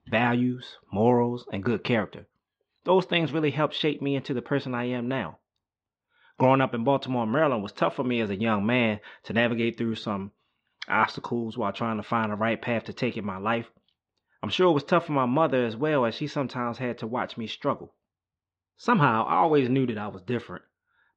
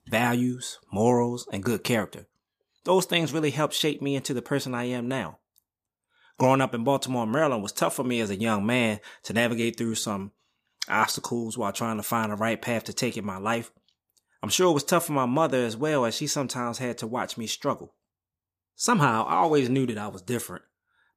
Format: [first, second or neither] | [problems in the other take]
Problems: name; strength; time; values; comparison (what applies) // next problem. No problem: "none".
second | muffled; very; fading above 3.5 kHz